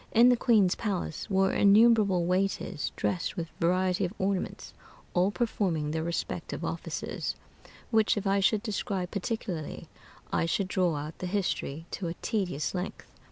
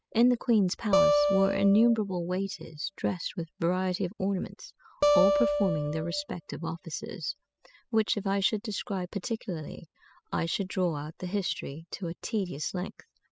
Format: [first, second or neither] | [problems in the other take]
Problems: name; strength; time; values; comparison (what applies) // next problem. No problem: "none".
first | noise reduction (classical method spectral subtraction)